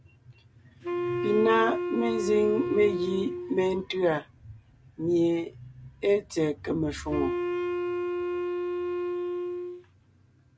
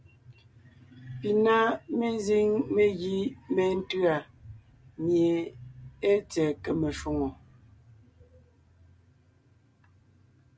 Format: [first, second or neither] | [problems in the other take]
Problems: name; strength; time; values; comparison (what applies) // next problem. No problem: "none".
second | background sound (Wind instrument, woodwind instrument); 2 dB below the speech